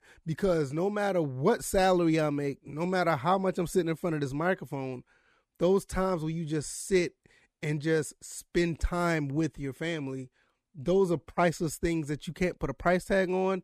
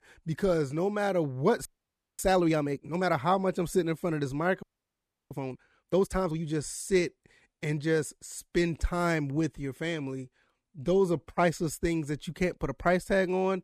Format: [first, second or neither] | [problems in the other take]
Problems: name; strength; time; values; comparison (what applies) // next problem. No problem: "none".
first | audio freezing; at 1.5 s for 0.5 s and at 4.5 s for 0.5 s